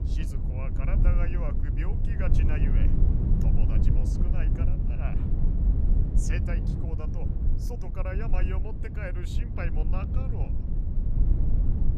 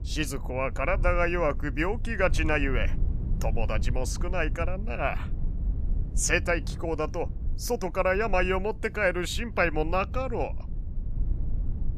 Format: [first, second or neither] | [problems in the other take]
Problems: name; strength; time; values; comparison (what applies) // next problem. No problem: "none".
second | low rumble; loud; throughout; 1 dB below the speech; faint in the second